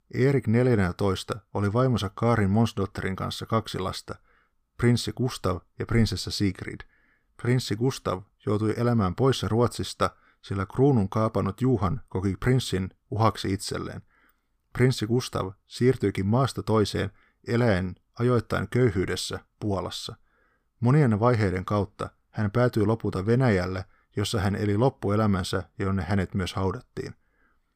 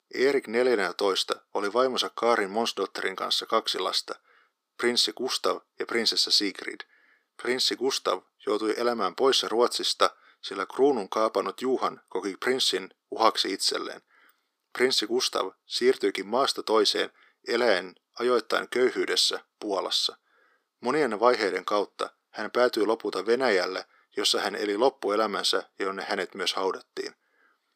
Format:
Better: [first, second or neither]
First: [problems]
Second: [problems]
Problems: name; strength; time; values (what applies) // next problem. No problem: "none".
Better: first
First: none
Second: thin; very; fading below 350 Hz